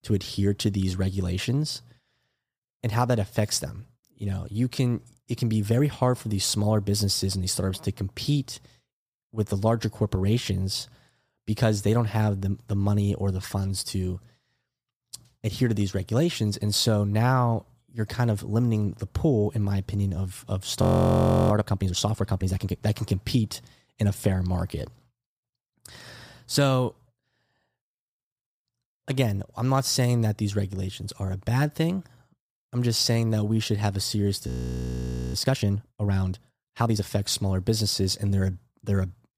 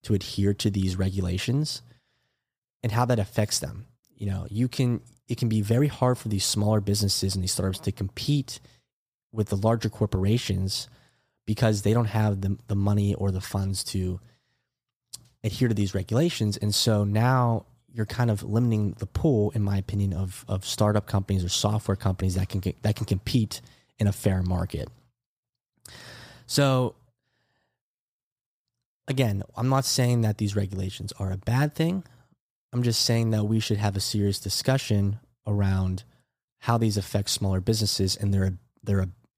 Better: second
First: audio freezing; at 21 s for 0.5 s and at 34 s for 1 s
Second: none

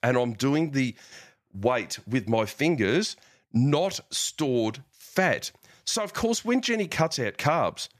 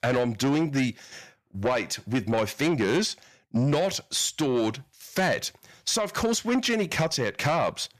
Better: first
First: none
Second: distortion; slight; 10 dB below the speech

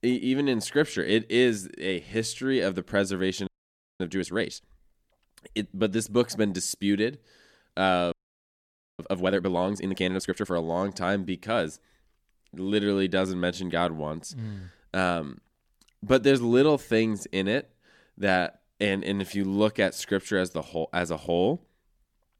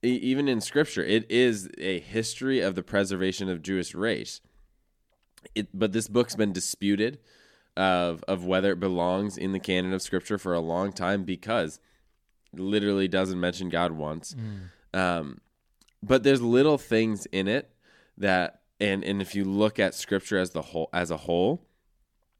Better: second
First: audio freezing; at 3.5 s for 0.5 s and at 8 s for 1 s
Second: none

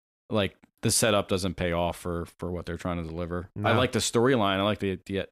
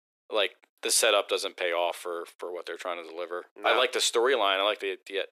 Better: first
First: none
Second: thin; very; fading below 350 Hz

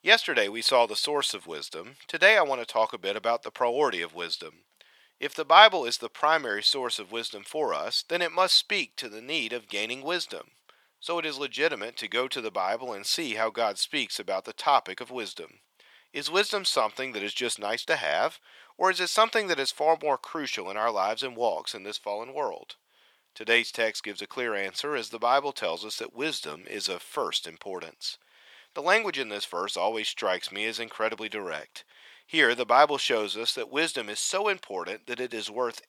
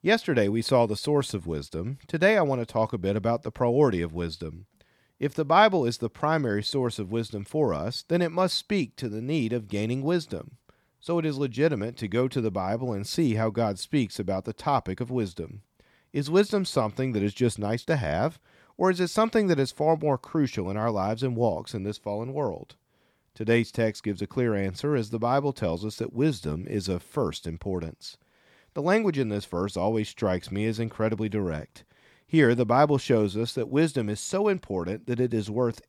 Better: second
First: thin; very; fading below 750 Hz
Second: none

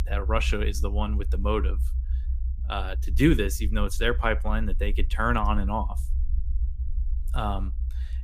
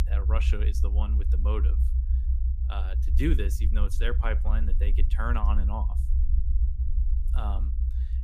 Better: first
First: low rumble; faint; throughout; 20 dB below the speech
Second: low rumble; loud; throughout; 10 dB below the speech

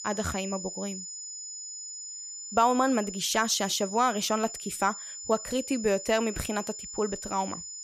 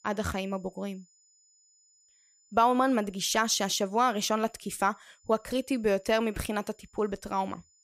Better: second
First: high-pitched whine; loud; throughout; 7 kHz, 9 dB below the speech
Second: high-pitched whine; faint; throughout; 7 kHz, 35 dB below the speech

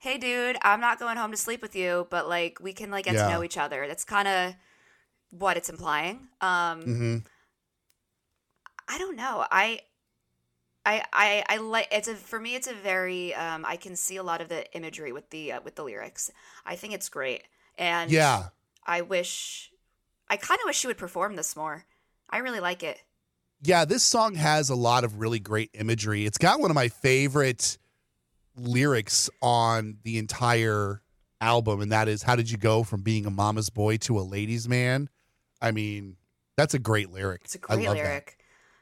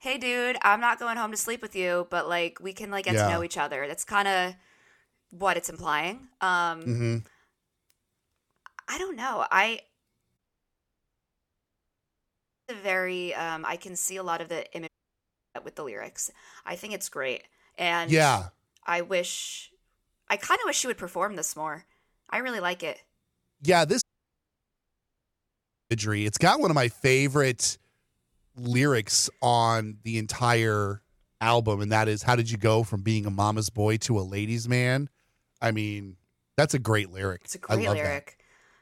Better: first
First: none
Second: audio cutting out; at 10 s for 2.5 s, at 15 s for 0.5 s and at 24 s for 2 s

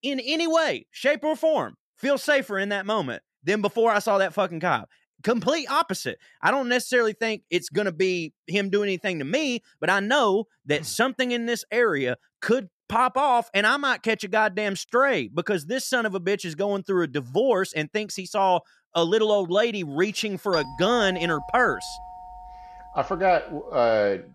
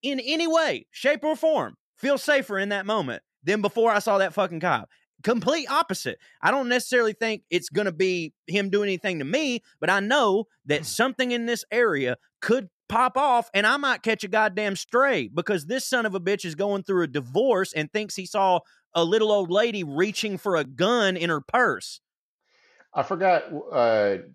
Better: second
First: doorbell; noticeable; from 21 to 24 s; peak 9 dB below the speech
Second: none

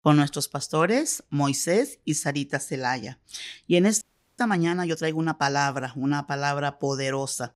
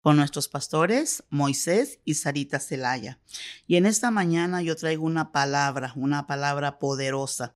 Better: second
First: audio freezing; at 4 s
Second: none

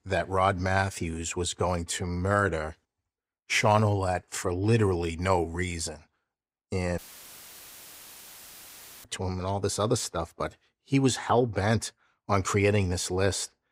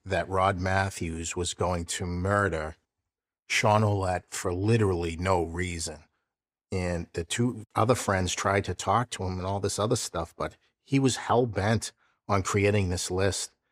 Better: second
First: audio cutting out; filled with static; at 7 s for 2 s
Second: none

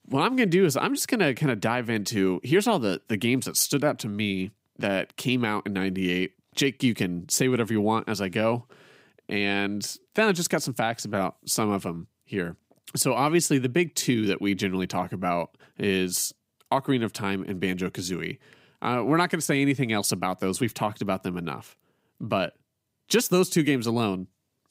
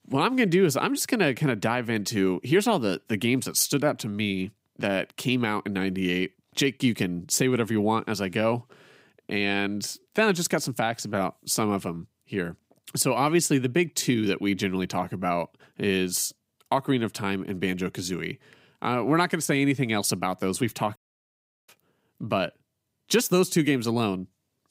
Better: first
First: none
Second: audio cutting out; at 21 s for 0.5 s

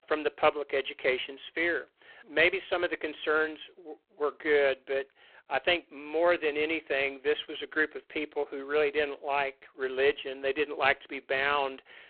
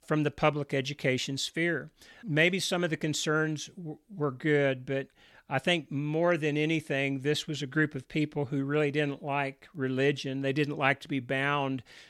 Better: second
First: phone-call audio; poor line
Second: none

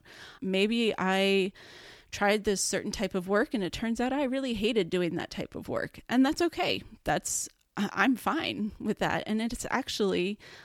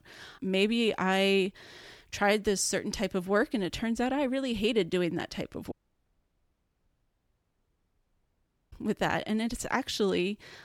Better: first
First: none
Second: audio cutting out; at 5.5 s for 3 s

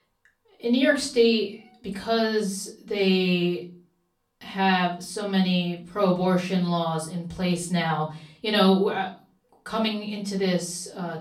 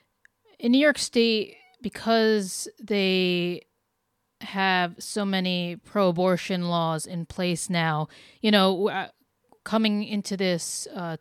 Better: second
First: off-mic speech; far // room echo; slight; dies away in 0.3 s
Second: none

